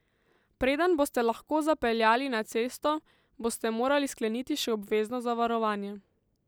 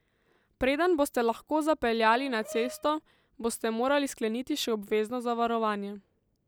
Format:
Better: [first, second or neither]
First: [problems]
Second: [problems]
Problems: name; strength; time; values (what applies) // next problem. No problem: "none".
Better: first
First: none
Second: background sound (Brass instrument); 17 dB below the speech